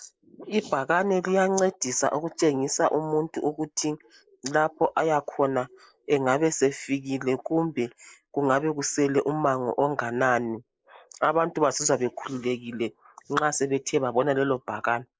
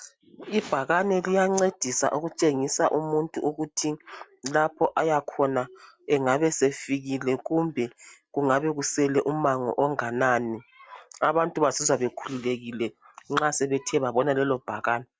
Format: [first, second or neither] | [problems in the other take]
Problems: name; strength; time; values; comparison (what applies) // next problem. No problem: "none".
second | noise reduction (neural mask model Resemble Enhance denoiser)